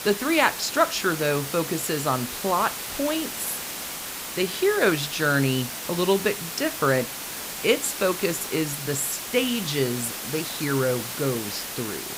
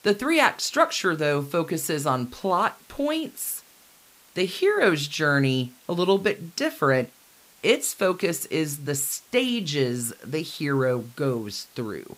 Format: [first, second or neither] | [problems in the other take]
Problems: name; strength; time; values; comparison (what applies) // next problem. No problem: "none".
second | hiss; loud; throughout; 6 dB below the speech; faint in the second